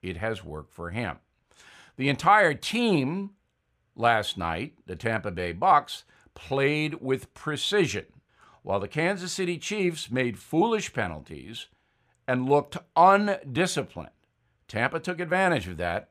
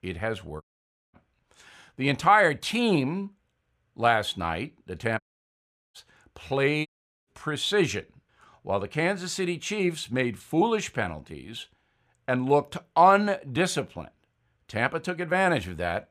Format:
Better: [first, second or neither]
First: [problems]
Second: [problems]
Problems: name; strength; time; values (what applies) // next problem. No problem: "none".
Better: first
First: none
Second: audio cutting out; at 0.5 s for 0.5 s, at 5 s for 0.5 s and at 7 s